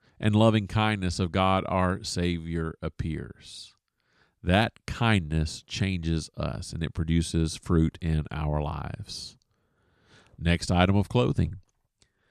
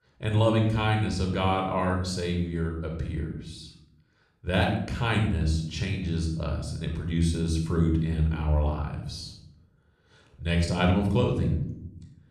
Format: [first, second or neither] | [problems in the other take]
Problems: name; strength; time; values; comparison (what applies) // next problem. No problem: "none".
first | room echo; noticeable; dies away in 0.7 s // off-mic speech; somewhat distant